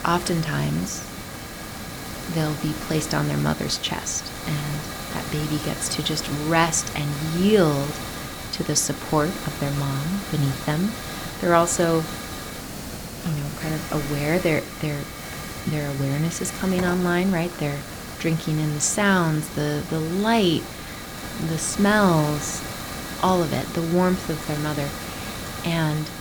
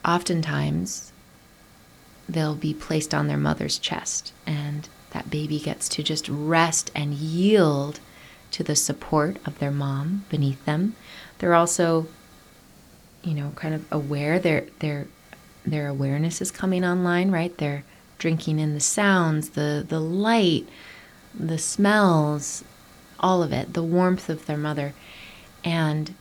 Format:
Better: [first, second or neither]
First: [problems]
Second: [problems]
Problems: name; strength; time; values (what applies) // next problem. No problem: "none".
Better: second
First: hiss; loud; throughout; 9 dB below the speech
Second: hiss; faint; throughout; 25 dB below the speech